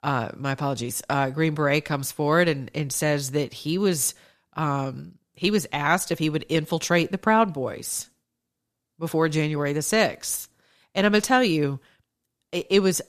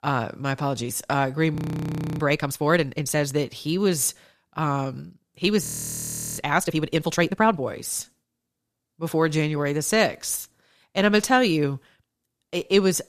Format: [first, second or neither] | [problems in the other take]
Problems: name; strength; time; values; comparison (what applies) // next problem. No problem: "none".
first | audio freezing; at 1.5 s for 0.5 s and at 5.5 s for 0.5 s